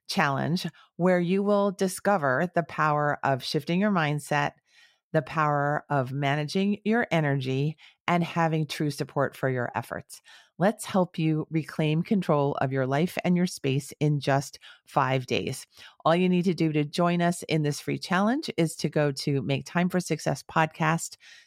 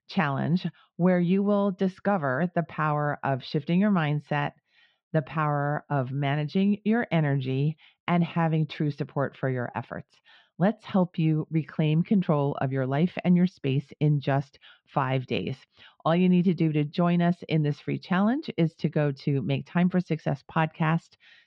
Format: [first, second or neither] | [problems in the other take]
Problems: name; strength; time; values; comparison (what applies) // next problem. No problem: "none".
first | muffled; slightly; fading above 3.5 kHz